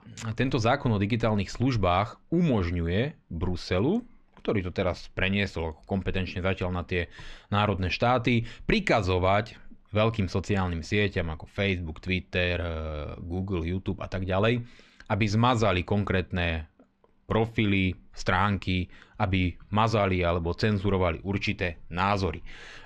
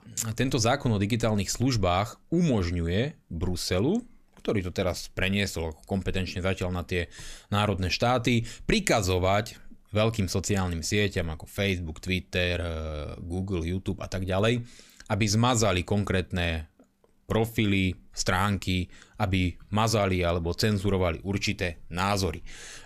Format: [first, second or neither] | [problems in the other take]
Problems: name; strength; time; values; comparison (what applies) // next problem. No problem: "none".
second | muffled; slightly; fading above 3 kHz